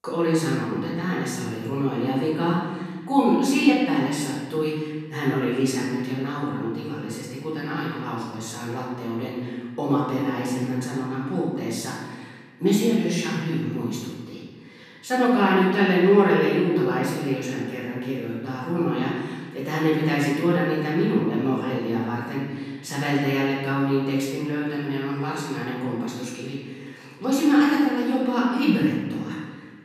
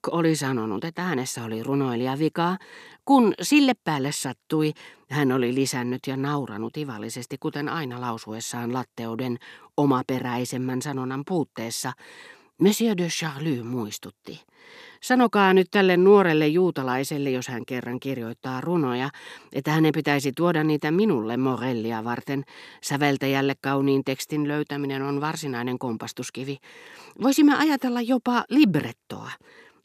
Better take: second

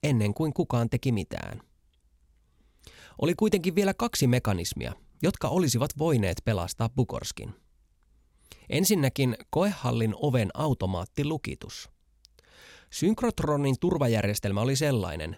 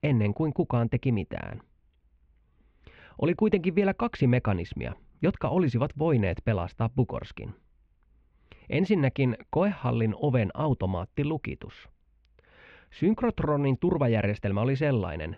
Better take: first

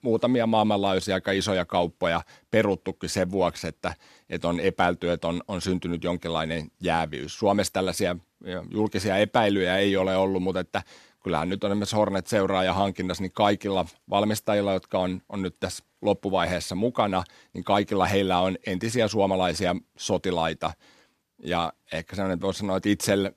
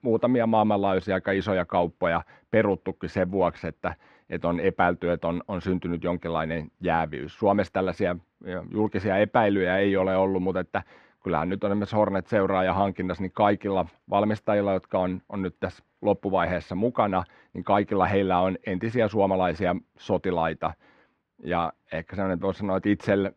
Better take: first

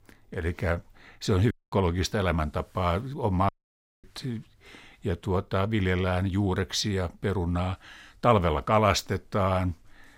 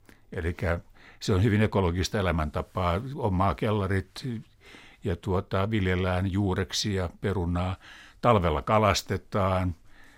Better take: second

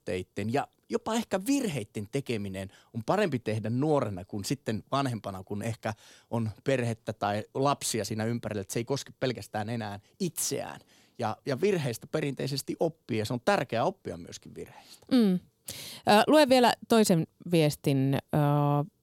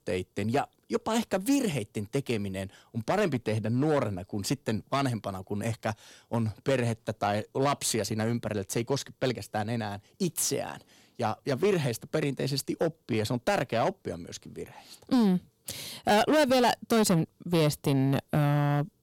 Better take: first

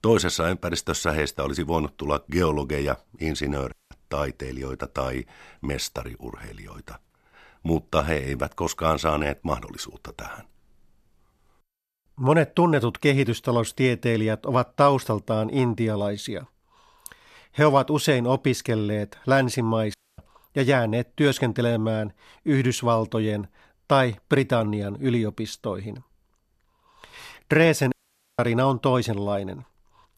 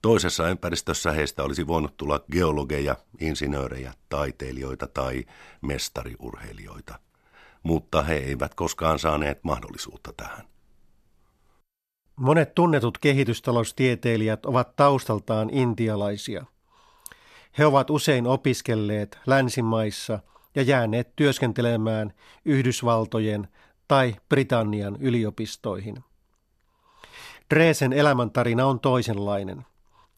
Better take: second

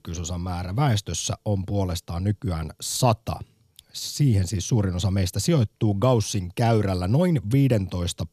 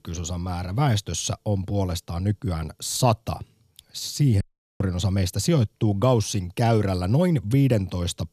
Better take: first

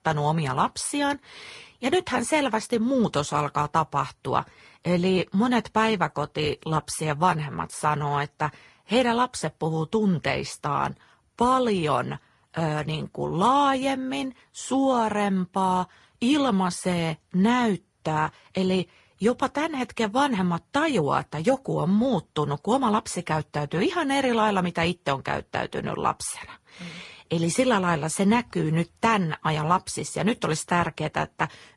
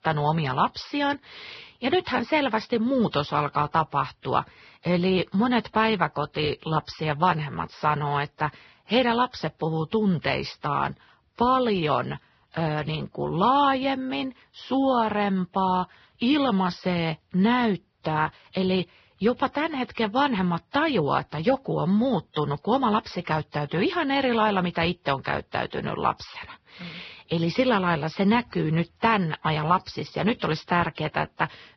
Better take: first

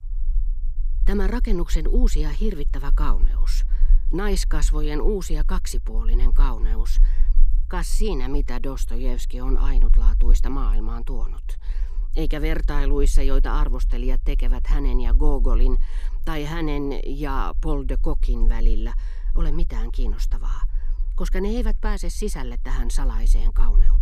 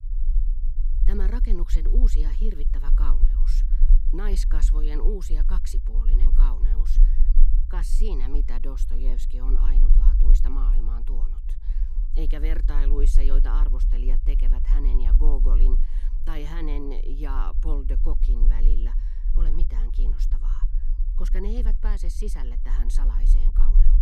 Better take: first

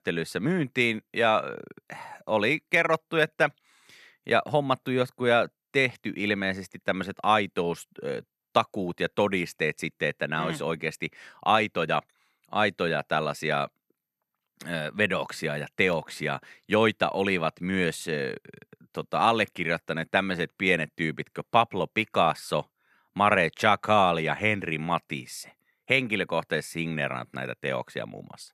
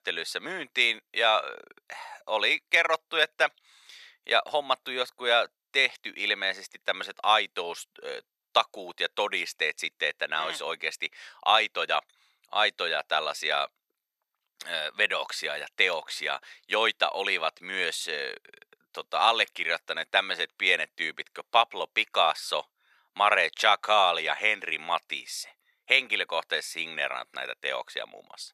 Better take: first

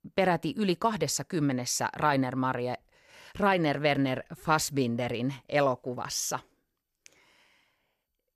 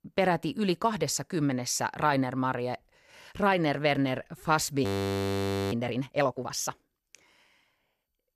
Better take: first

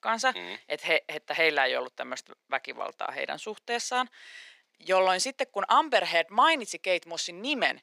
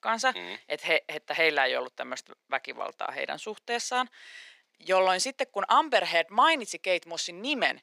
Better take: neither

